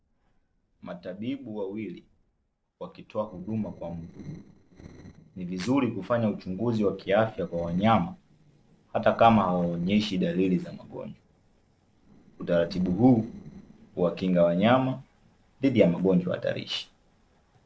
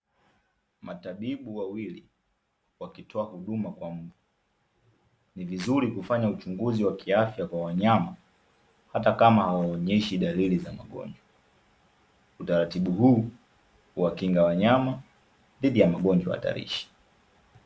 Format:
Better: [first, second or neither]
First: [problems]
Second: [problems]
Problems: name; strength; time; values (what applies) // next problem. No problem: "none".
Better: second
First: noise reduction (neural separator model SepFormer DNS4)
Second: none